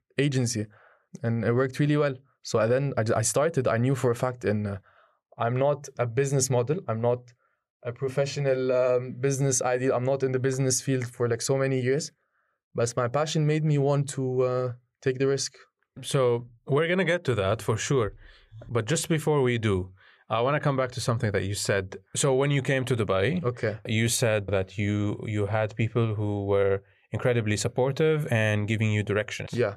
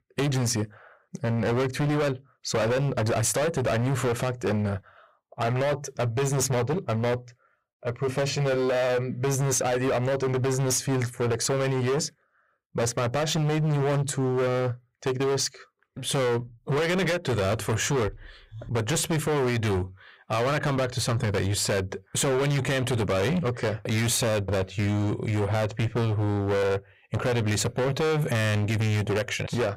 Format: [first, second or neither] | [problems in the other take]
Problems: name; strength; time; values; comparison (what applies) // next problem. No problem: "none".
first | distortion; heavy; 28% of the sound clipped